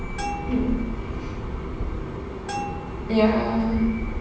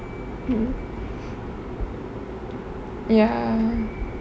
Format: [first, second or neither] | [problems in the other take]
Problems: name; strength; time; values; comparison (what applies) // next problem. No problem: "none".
second | background sound (Bell); 13 dB below the speech // room echo; dies away in 0.7 s